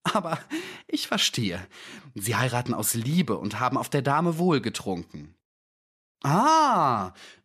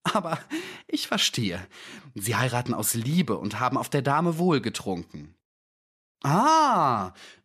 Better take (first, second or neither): neither